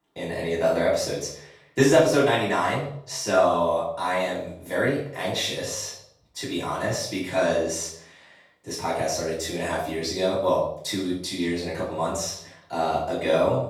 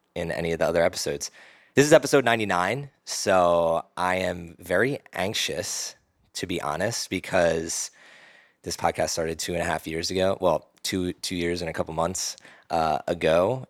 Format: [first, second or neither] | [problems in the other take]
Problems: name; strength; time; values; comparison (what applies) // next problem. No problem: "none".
second | off-mic speech; far // room echo; noticeable; dies away in 0.5 s